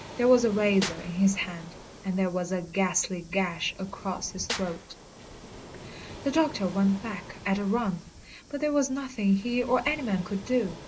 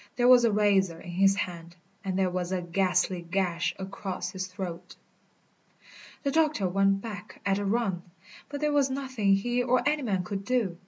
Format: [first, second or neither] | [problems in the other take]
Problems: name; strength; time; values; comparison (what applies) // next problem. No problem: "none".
second | background sound (Clapping / Drum kit + Waves, surf); 14 dB below the speech